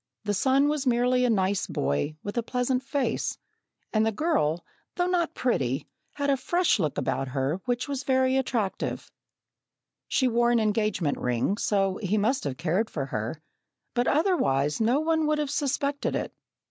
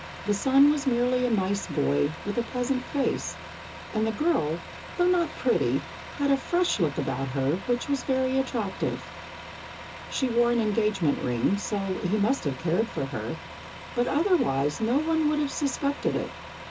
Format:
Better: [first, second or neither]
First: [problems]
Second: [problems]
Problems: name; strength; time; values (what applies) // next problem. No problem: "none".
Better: first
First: none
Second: background sound (Truck); 13 dB below the speech // room echo; dies away in 0.2 s